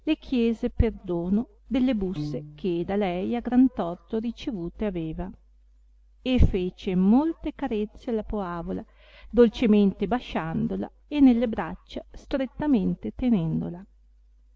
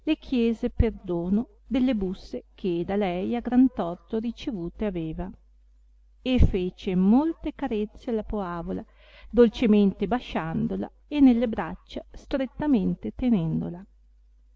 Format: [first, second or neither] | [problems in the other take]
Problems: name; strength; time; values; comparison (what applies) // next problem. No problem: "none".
second | background sound (Piano); 11 dB below the speech